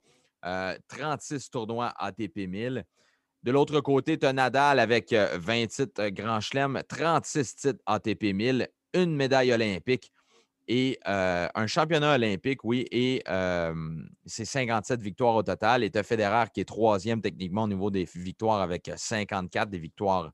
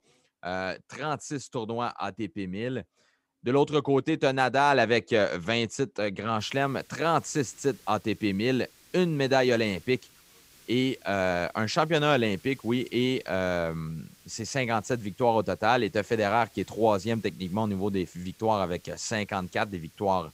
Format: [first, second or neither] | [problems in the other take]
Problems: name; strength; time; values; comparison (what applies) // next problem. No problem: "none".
first | hiss; faint; from 6.5 s on; 25 dB below the speech